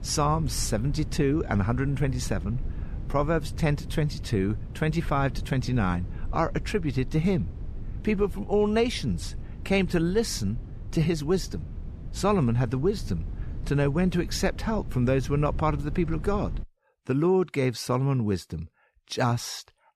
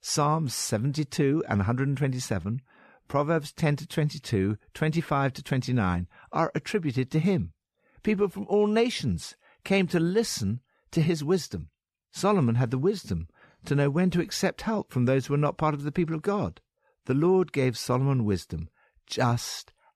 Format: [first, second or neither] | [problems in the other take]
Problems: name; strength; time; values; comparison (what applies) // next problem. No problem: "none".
second | low rumble; faint; until 17 s; 20 dB below the speech